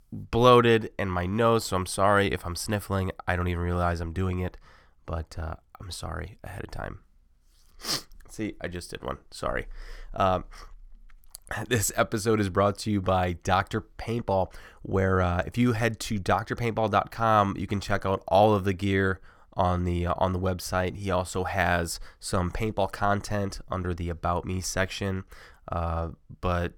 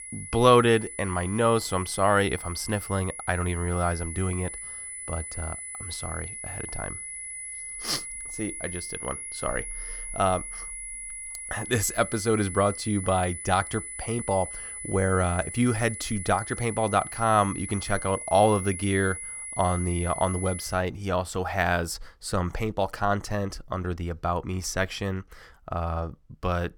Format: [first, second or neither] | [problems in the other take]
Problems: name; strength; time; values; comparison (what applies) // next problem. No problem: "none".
first | high-pitched whine; loud; until 21 s; 10 kHz, 8 dB below the speech